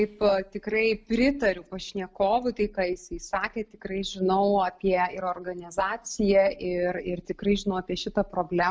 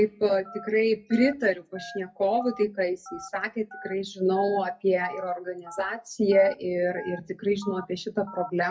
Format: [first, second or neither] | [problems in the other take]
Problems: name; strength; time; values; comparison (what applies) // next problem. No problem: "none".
first | noise reduction (classical method WPE with log-MMSE)